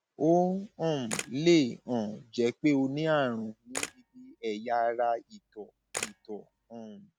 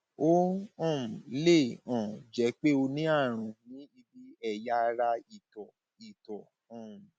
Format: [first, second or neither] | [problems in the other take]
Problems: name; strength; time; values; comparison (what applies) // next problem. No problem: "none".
second | background sound (Camera); 14 dB below the speech